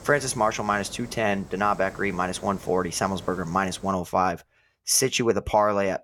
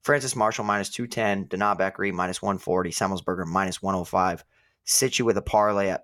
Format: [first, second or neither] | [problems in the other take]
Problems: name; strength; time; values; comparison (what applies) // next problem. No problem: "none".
second | hiss; faint; until 4 s; 20 dB below the speech